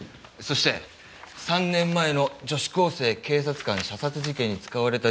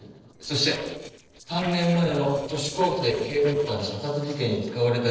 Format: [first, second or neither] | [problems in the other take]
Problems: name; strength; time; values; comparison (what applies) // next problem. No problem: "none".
first | noise reduction (neural separator model SepFormer DNS4)